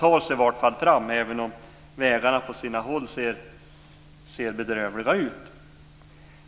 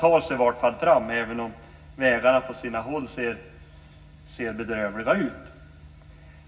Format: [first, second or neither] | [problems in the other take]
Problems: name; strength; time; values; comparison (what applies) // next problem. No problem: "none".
first | room echo; dies away in 0.4 s